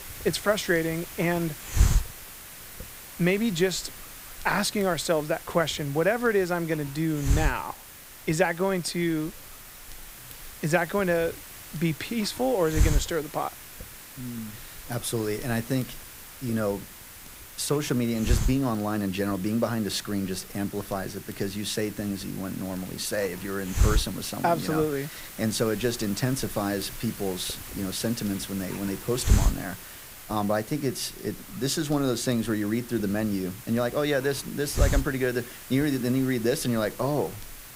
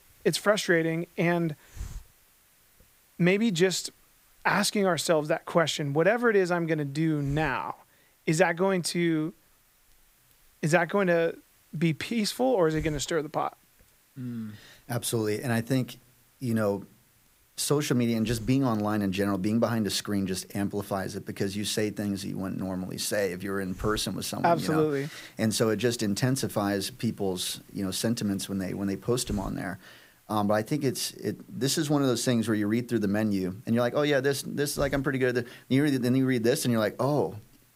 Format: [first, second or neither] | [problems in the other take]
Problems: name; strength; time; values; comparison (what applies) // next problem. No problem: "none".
second | hiss; loud; throughout; 8 dB below the speech; faint in the second